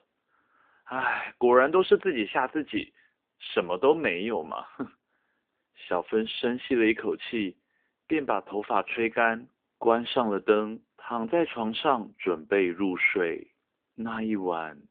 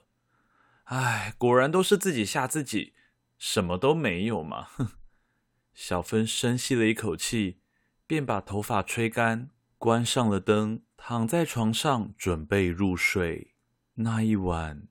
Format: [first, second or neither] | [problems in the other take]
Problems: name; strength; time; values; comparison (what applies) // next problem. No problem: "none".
second | phone-call audio